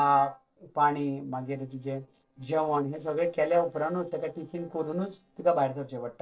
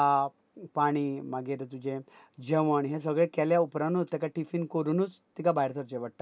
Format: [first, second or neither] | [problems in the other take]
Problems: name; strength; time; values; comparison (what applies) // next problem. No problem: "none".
second | noise reduction (neural separator model SepFormer DNS4)